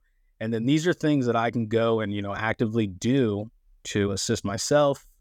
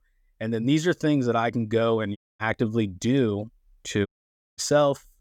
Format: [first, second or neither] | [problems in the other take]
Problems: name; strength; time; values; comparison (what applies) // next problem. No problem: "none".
first | audio cutting out; at 2 s and at 4 s for 0.5 s